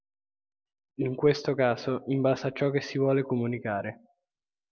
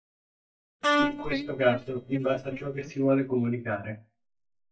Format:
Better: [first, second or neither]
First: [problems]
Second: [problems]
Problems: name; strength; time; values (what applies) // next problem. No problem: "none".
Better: first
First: none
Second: noise reduction (neural mask model DeepFilterNet 3)